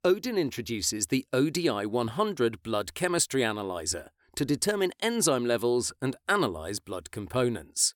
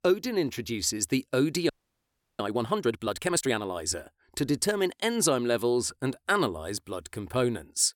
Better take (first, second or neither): first